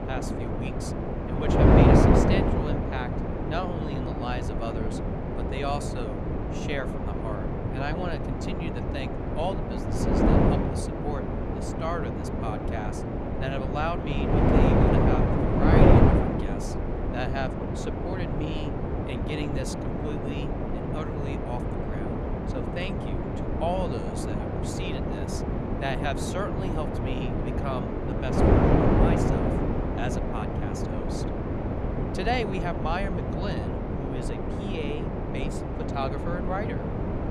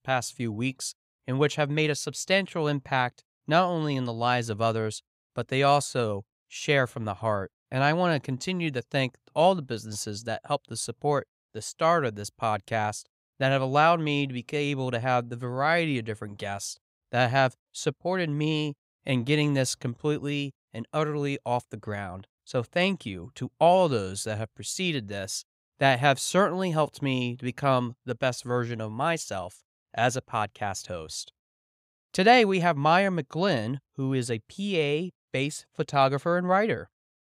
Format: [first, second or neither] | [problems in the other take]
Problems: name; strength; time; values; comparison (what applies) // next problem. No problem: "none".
second | wind noise on the microphone; heavy; 4 dB above the speech